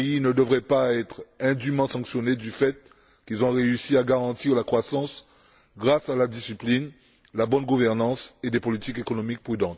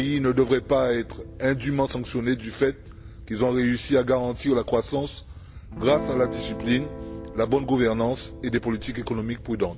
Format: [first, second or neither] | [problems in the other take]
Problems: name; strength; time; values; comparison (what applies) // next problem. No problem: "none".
first | background sound (Guitar + Wind / Boat, Water vehicle); 12 dB below the speech